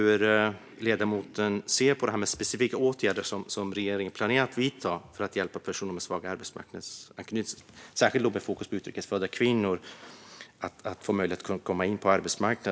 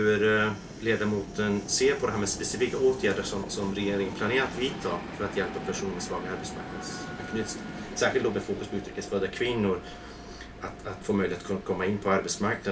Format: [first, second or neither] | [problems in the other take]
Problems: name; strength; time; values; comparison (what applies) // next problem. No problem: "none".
first | background sound (Train); 11 dB below the speech // room echo; dies away in 0.2 s